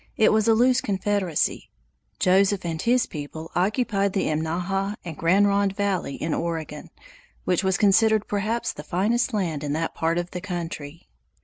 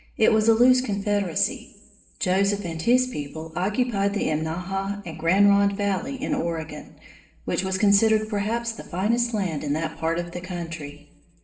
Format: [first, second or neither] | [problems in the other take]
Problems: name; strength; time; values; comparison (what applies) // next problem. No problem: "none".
first | room echo; dies away in 0.9 s